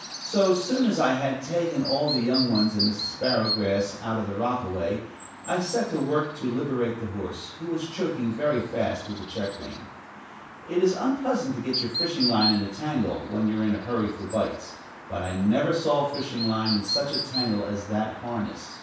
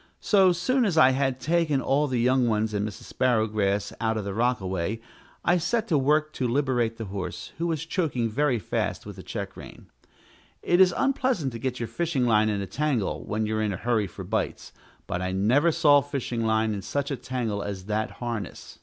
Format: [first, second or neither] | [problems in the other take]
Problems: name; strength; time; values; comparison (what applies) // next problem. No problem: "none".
second | background sound (Chirp, tweet); 9 dB below the speech // room echo; dies away in 0.7 s